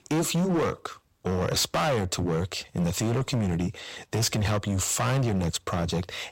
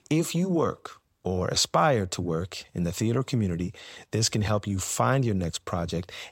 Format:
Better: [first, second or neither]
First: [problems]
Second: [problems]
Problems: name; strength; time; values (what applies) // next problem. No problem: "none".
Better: second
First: distortion; heavy; 19% of the sound clipped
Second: none